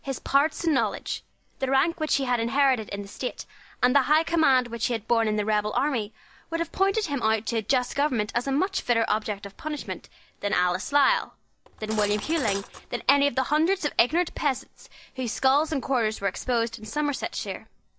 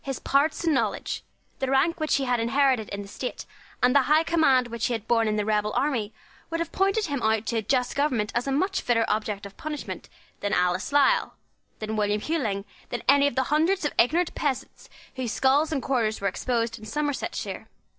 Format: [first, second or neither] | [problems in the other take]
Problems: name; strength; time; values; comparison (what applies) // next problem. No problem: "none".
second | background sound (Cutlery, silverware); 11 dB below the speech